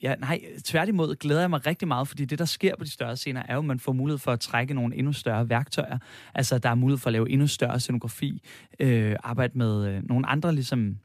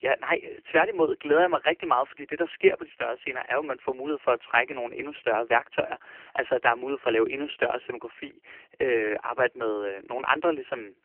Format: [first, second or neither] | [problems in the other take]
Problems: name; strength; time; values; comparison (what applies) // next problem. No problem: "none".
first | phone-call audio; poor line; nothing above 3 kHz